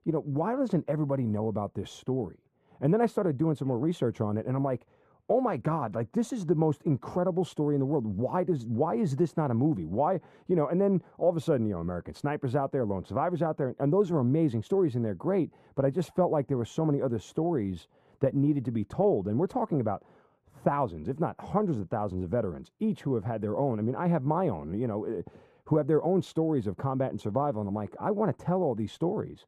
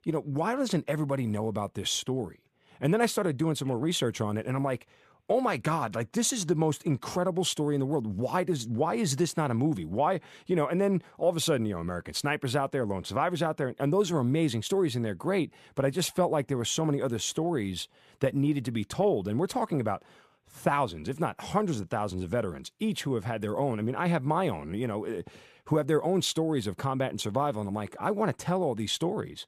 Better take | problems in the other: second | muffled; very; fading above 1.5 kHz

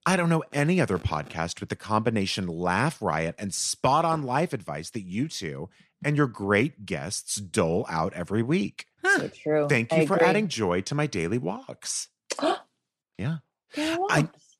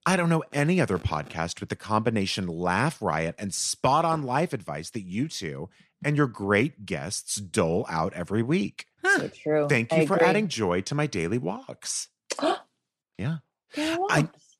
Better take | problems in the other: neither | none

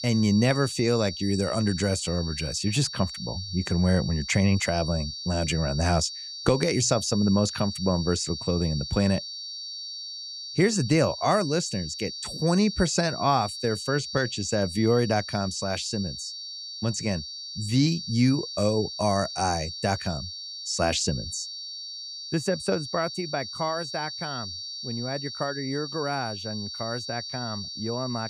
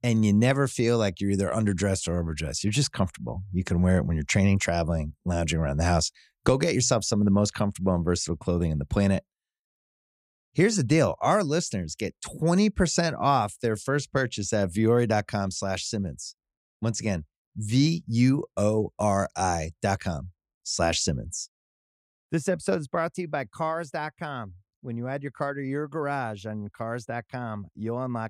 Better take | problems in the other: second | high-pitched whine; loud; throughout; 4.5 kHz, 8 dB below the speech

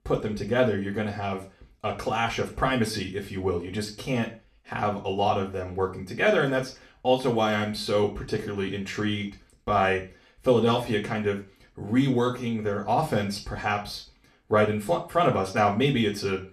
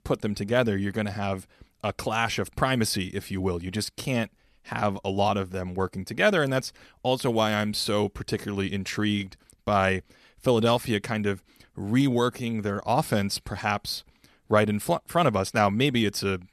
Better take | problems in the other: second | room echo; slight; dies away in 0.3 s // off-mic speech; far

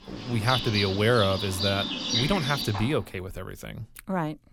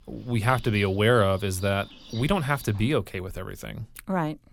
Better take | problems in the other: second | animal sounds; loud; until 2.5 s; 2 dB below the speech; faint in the second

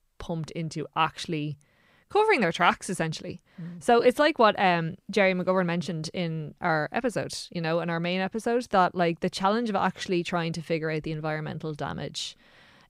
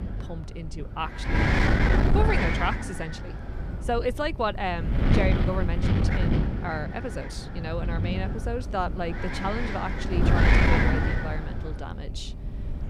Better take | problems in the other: first | wind noise on the microphone; heavy; 2 dB above the speech

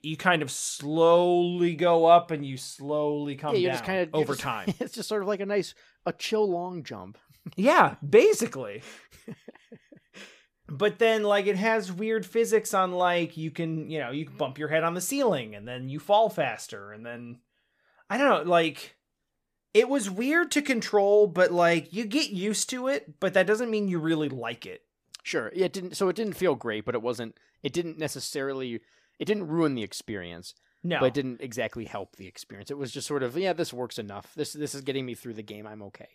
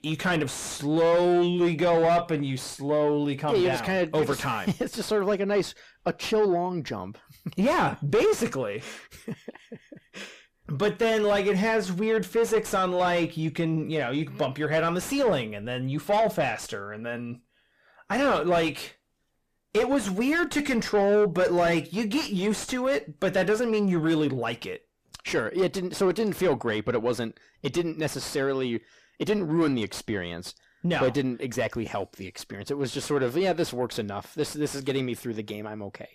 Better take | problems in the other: first | distortion; heavy; 7 dB below the speech

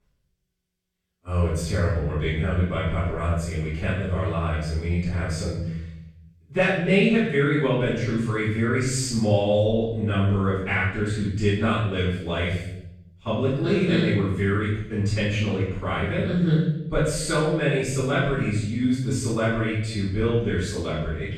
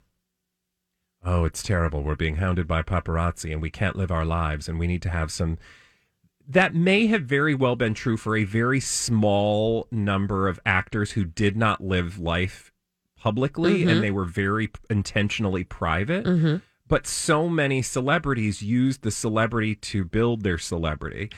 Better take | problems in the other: second | off-mic speech; far // room echo; strong; dies away in 0.8 s

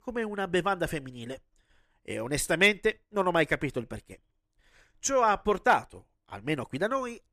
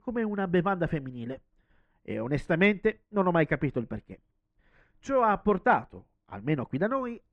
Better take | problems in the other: first | muffled; very; fading above 2 kHz

